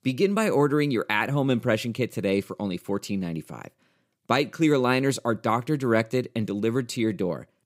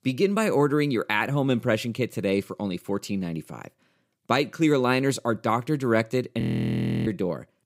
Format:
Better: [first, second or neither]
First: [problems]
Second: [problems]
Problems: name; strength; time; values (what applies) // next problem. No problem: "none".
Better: first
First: none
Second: audio freezing; at 6.5 s for 0.5 s